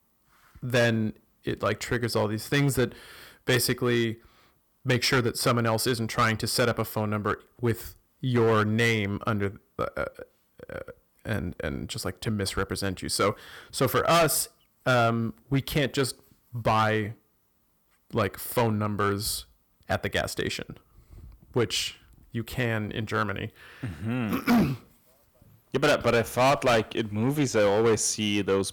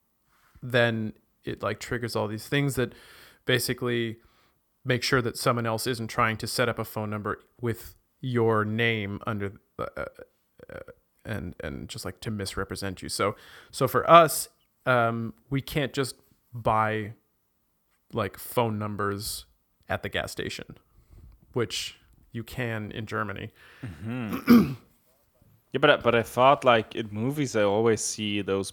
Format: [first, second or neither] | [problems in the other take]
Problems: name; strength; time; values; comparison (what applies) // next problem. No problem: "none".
second | distortion; heavy; 5% of the sound clipped